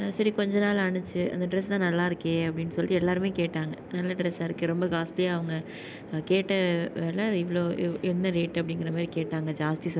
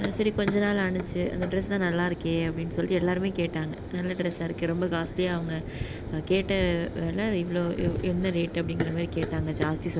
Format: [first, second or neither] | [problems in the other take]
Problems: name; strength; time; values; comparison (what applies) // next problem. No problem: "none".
first | background sound (Run); 8 dB below the speech